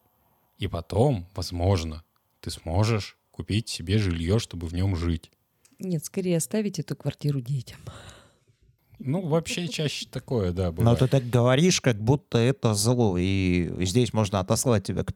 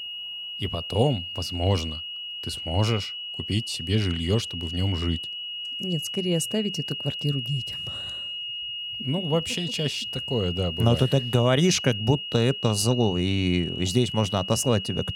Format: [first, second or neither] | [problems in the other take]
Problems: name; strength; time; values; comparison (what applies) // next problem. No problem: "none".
first | high-pitched whine; loud; throughout; 3 kHz, 6 dB below the speech